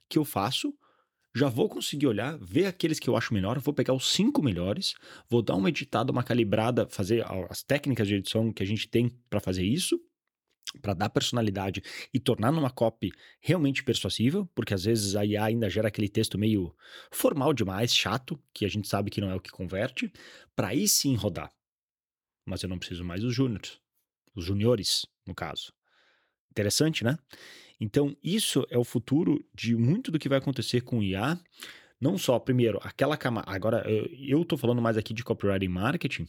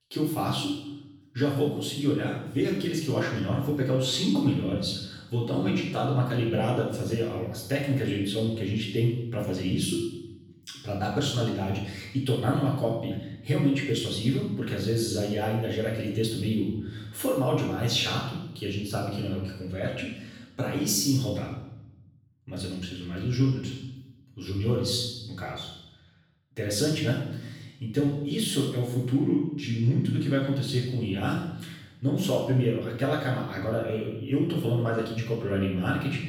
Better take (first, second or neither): first